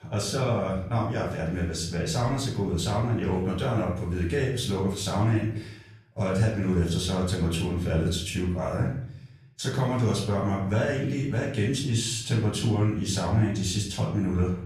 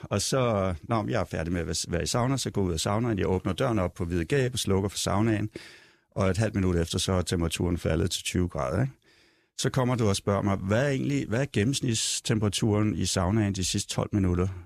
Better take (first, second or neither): second